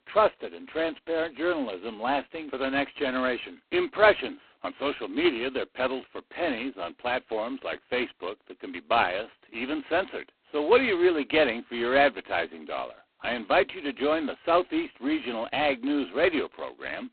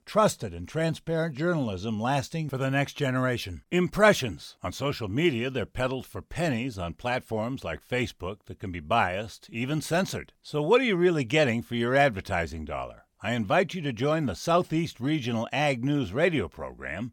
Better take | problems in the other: second | phone-call audio; poor line; nothing above 4 kHz

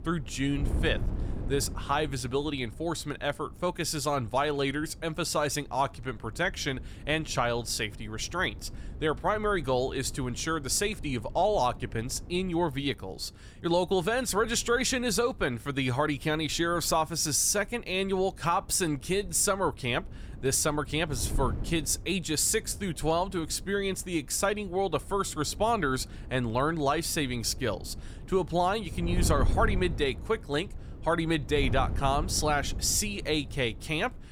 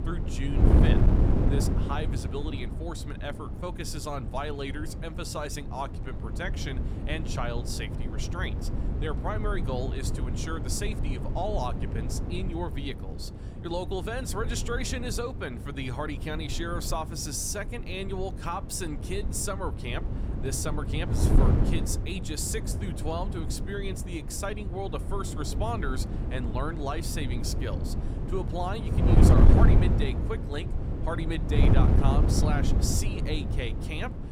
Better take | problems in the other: first | wind noise on the microphone; heavy; 4 dB below the speech; occasional gusts in the first

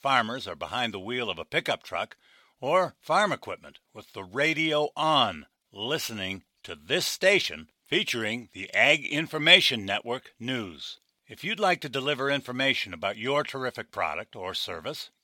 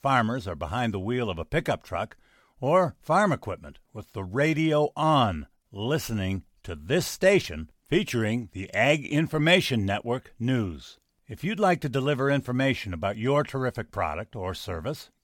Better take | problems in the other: second | thin; very slightly; fading below 950 Hz

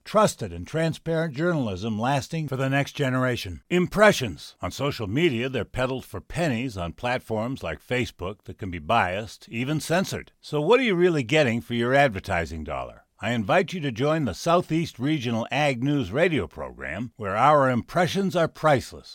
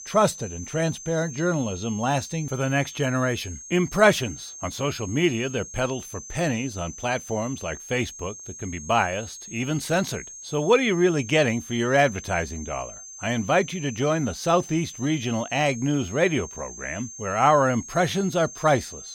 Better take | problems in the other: first | high-pitched whine; noticeable; throughout; 6.5 kHz, 15 dB below the speech

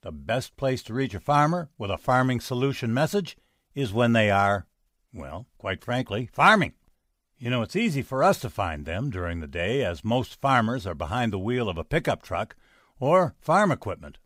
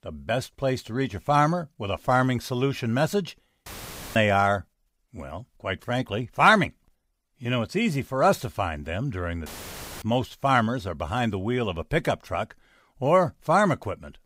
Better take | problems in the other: first | audio cutting out; filled with static; at 3.5 s for 0.5 s and at 9.5 s for 0.5 s

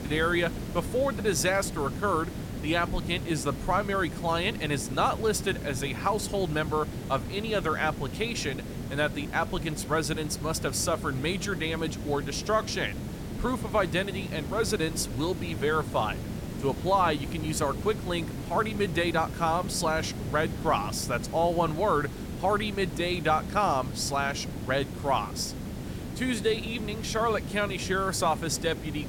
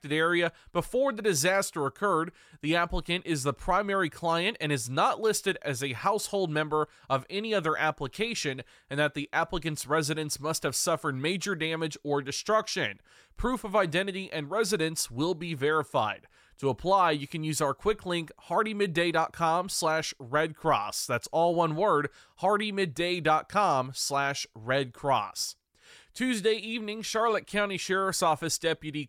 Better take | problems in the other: second | hiss; loud; throughout; 8 dB below the speech

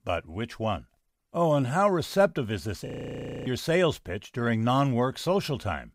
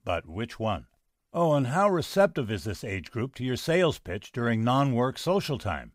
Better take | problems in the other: second | audio freezing; at 3 s for 0.5 s

